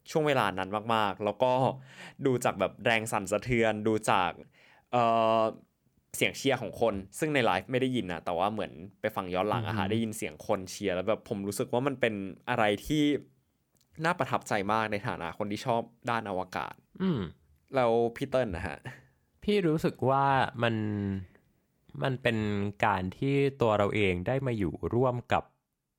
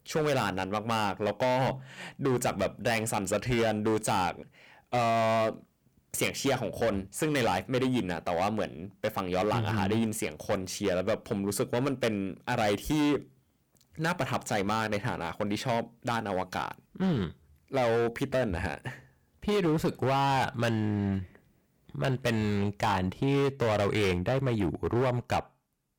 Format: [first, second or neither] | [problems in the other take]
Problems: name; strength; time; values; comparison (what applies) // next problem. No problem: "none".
first | distortion; heavy; 13% of the sound clipped